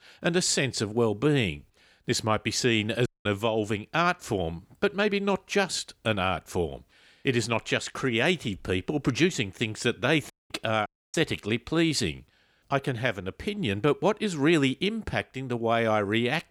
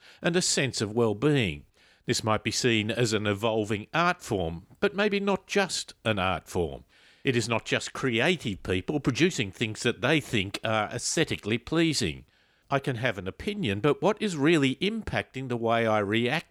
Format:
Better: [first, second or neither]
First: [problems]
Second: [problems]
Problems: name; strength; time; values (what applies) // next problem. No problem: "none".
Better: second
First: audio cutting out; at 3 s, at 10 s and at 11 s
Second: none